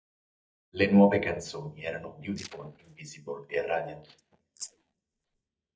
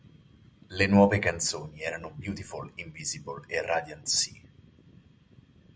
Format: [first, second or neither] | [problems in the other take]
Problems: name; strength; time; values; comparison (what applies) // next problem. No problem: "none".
second | noise reduction (neural mask model DeepFilterNet 3)